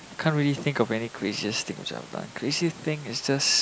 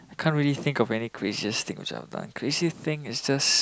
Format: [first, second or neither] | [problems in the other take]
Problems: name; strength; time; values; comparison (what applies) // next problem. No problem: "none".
second | background sound (Water); 20 dB below the speech